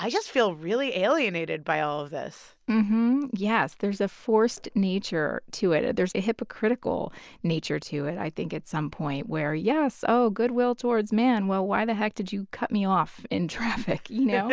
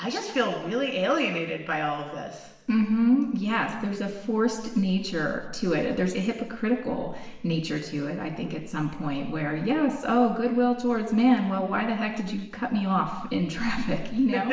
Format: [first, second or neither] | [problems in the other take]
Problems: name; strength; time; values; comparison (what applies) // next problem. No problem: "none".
first | room echo; dies away in 1 s